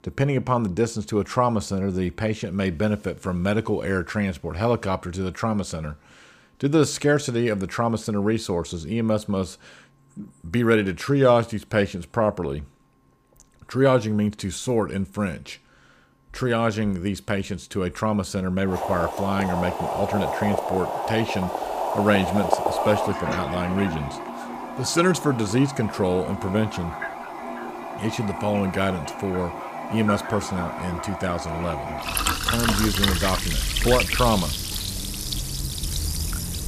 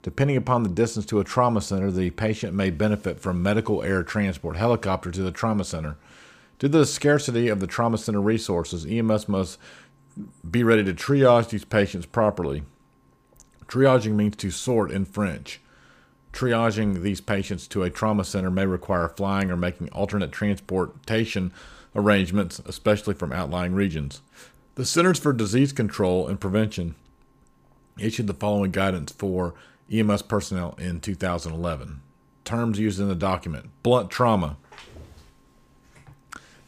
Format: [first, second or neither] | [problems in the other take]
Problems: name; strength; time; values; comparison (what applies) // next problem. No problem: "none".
second | household noises; loud; from 19 s on; 3 dB below the speech